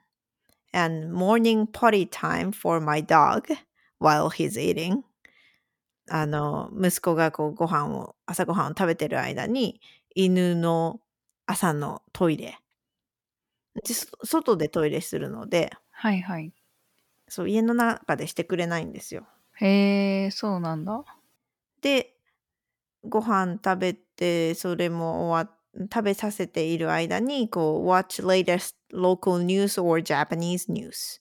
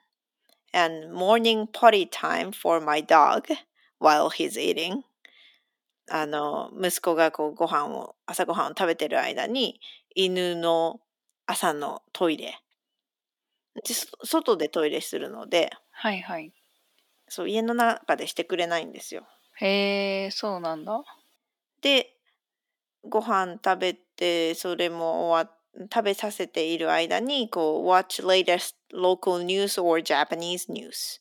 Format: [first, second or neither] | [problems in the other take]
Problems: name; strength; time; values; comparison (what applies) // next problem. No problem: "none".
first | thin; somewhat; fading below 250 Hz